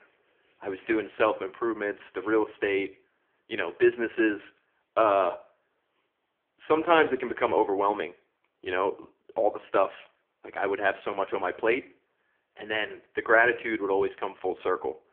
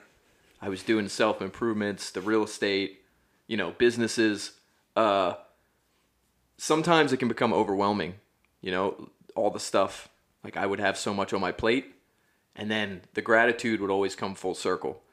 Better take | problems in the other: second | phone-call audio; poor line; nothing above 3.5 kHz

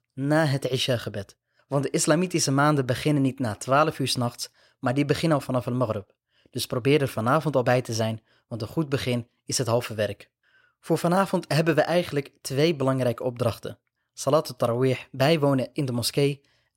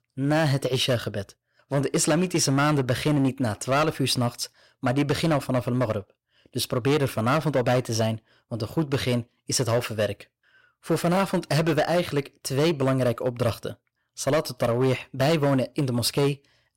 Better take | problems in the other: first | distortion; slight; 9% of the sound clipped

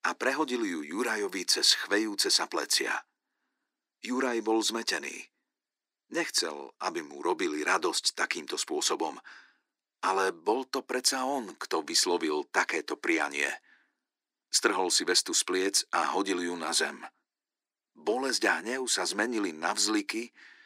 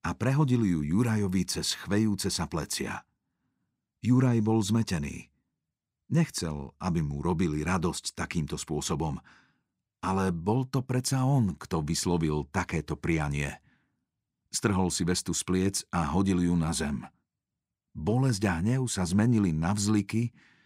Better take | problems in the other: second | thin; very; fading below 300 Hz

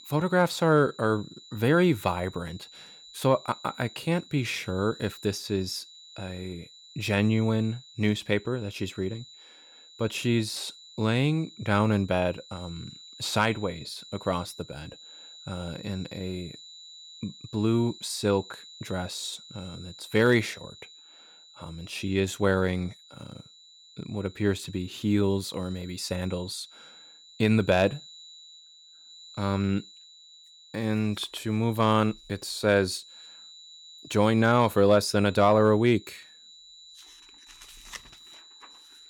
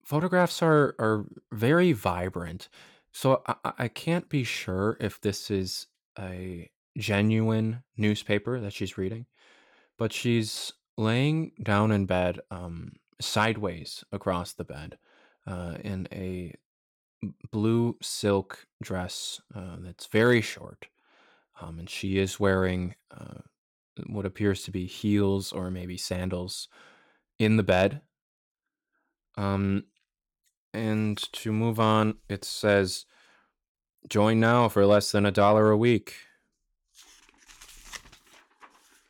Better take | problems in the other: second | high-pitched whine; faint; throughout; 4 kHz, 20 dB below the speech

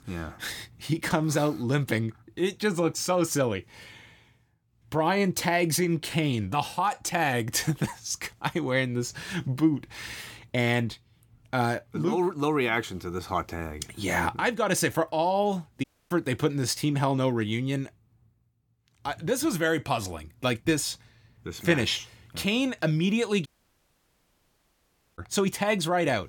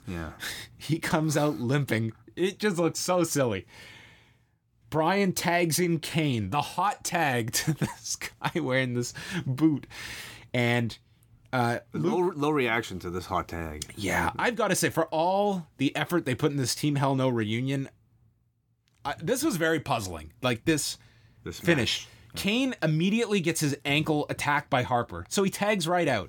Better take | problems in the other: second | audio cutting out; at 16 s and at 23 s for 1.5 s

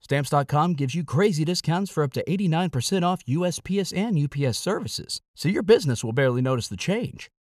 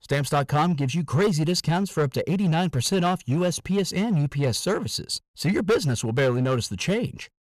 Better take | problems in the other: first | distortion; slight; 9% of the sound clipped

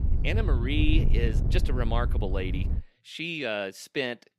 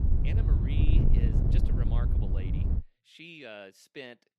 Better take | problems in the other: first | wind noise on the microphone; heavy; until 3 s; 3 dB above the speech; occasional gusts in the first

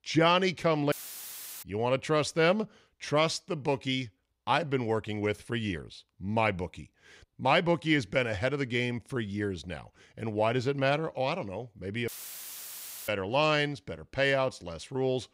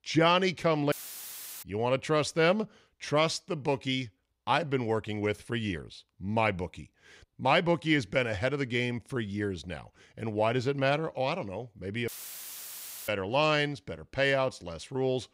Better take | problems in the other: neither | audio cutting out; filled with static; at 1 s for 0.5 s and at 12 s for 1 s; the same in both

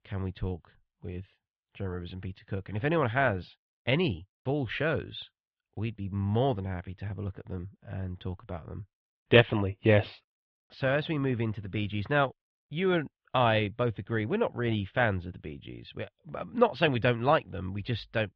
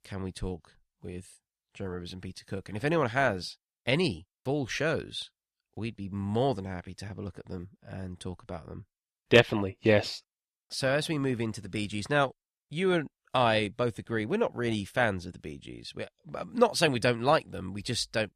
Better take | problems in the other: second | muffled; very; fading above 3.5 kHz

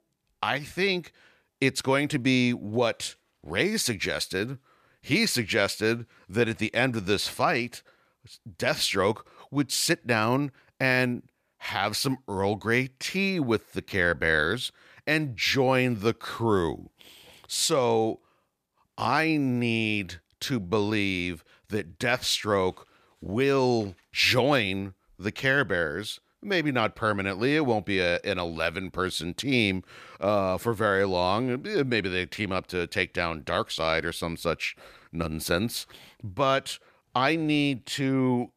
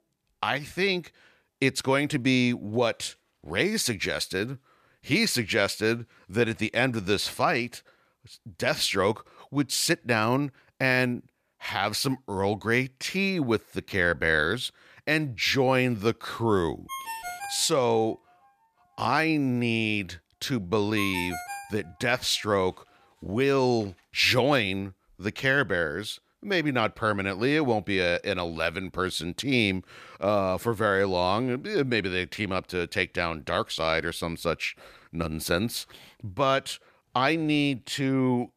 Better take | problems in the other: first | phone ringing; noticeable; from 17 to 22 s; peak 8 dB below the speech

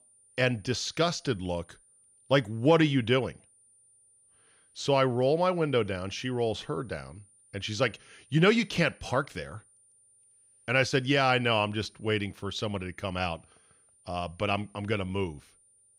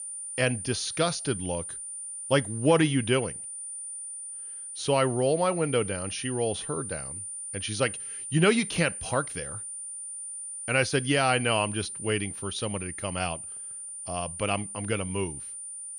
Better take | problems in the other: first | high-pitched whine; loud; throughout; 9 kHz, 7 dB below the speech; faint in the first

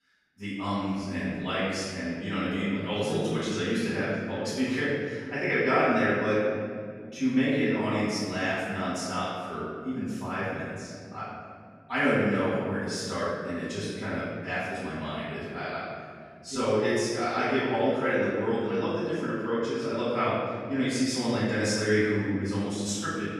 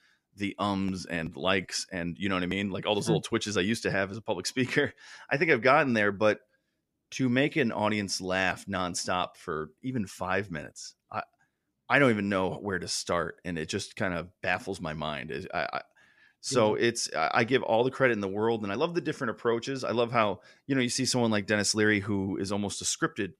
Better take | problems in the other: second | off-mic speech; far // room echo; strong; dies away in 2 s

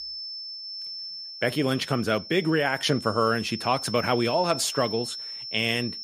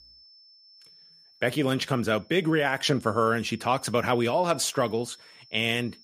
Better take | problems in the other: second | high-pitched whine; loud; throughout; 5.5 kHz, 9 dB below the speech; faint in the second

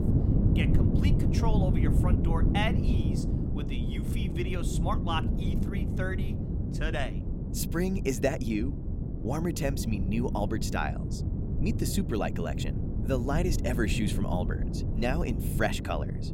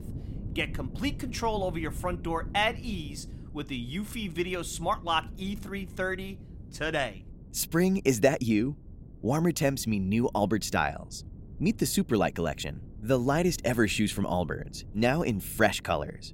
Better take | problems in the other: second | wind noise on the microphone; heavy; 5 dB below the speech; occasional gusts in the second

